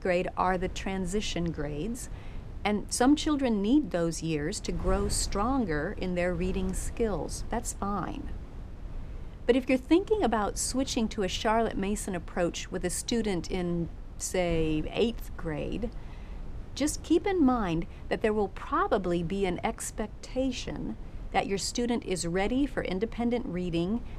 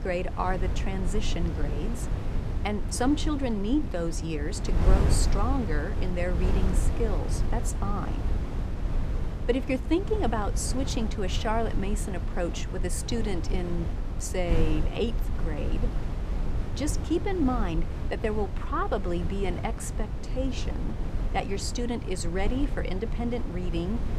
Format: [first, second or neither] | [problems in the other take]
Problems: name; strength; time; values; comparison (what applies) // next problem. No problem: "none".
first | wind noise on the microphone; heavy; 8 dB below the speech; occasional gusts in the first